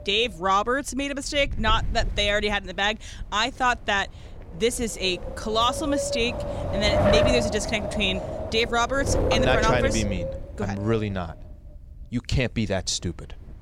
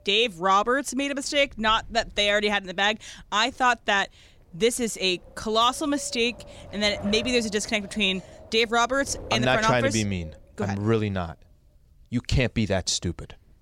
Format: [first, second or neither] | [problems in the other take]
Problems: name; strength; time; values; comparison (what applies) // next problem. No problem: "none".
second | wind noise on the microphone; heavy; 4 dB below the speech; occasional gusts in the second